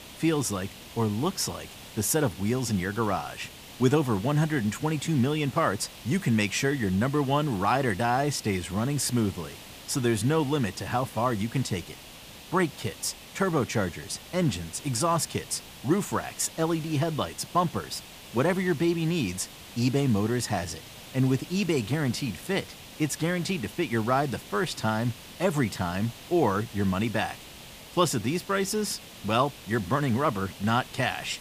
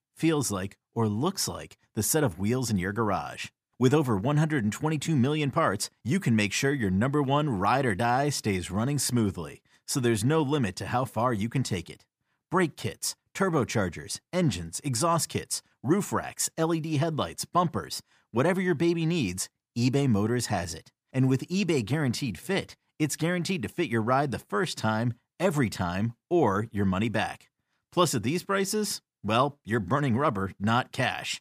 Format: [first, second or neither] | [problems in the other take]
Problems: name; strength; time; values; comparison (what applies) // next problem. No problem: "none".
second | hiss; noticeable; throughout; 15 dB below the speech